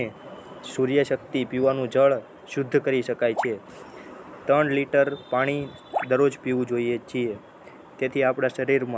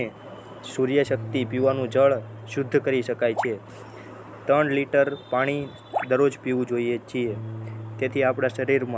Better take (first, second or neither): first